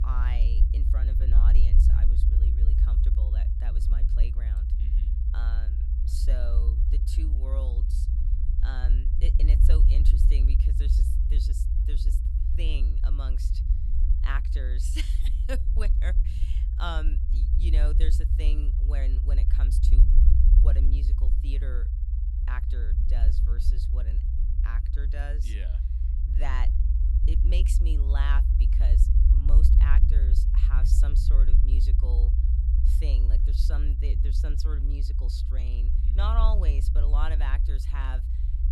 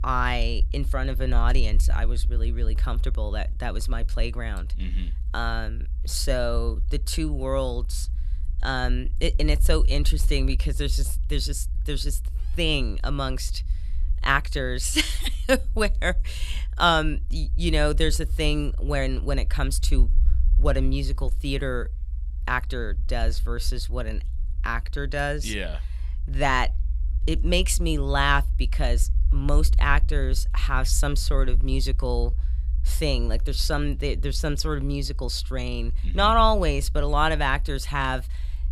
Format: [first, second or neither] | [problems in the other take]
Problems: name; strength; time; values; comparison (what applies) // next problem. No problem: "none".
second | low rumble; loud; throughout; 4 dB below the speech; faint in the second